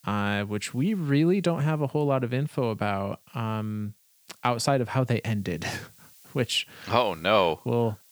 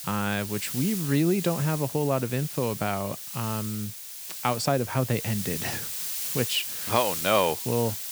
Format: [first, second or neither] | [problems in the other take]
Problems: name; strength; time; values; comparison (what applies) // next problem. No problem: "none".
first | hiss; loud; throughout; 5 dB below the speech; faint in the first